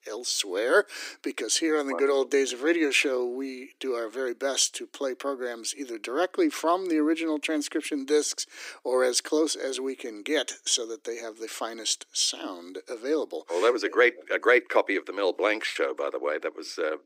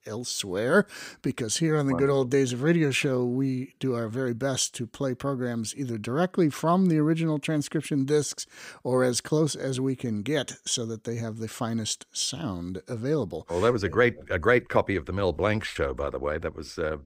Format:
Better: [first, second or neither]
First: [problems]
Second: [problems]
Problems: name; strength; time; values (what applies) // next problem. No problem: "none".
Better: second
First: thin; somewhat; fading below 300 Hz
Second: none